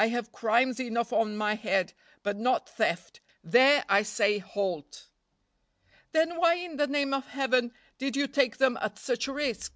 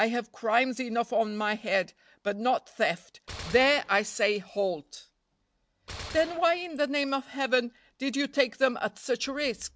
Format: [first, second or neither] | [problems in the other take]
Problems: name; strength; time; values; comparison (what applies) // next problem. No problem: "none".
first | background sound (Gunshot, gunfire); 17 dB below the speech